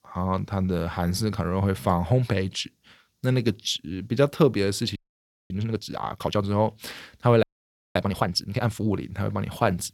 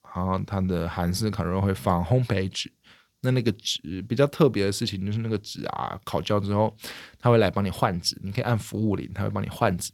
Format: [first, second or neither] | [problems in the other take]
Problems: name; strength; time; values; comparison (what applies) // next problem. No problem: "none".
second | audio freezing; at 5 s for 0.5 s and at 7.5 s for 0.5 s